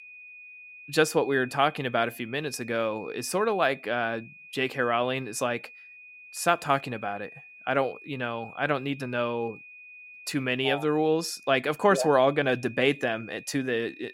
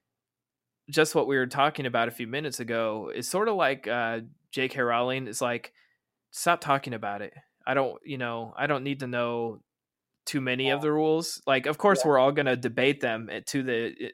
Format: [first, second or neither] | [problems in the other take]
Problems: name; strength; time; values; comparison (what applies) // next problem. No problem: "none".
second | high-pitched whine; noticeable; throughout; 2.5 kHz, 20 dB below the speech